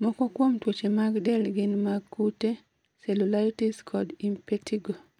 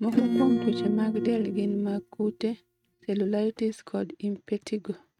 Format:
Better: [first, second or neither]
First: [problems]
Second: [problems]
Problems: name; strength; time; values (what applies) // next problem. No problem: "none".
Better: first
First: none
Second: noise reduction (neural mask model RNNoise)